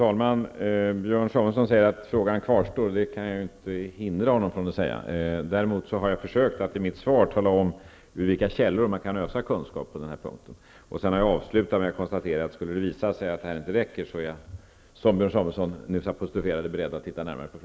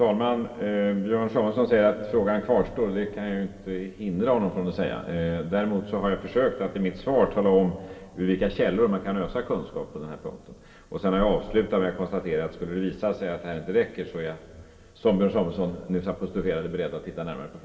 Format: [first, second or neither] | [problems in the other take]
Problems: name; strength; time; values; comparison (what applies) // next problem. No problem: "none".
first | room echo; dies away in 2.6 s